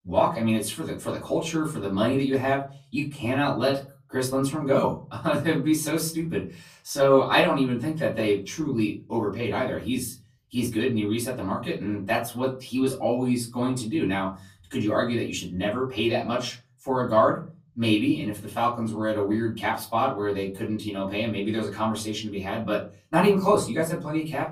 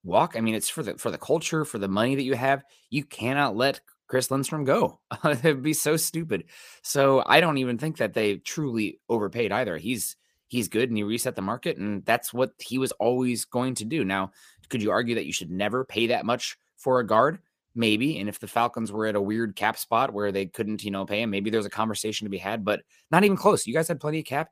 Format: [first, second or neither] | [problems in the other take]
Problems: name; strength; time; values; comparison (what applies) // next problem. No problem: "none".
second | off-mic speech; far // room echo; slight; dies away in 0.5 s